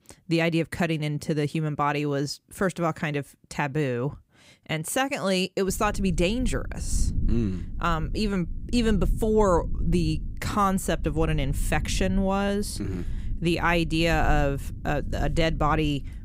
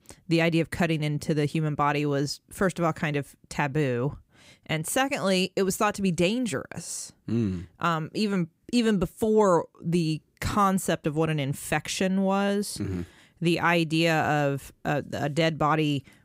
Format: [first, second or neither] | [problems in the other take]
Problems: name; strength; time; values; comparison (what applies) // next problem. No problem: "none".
second | low rumble; faint; from 5.5 s on; 20 dB below the speech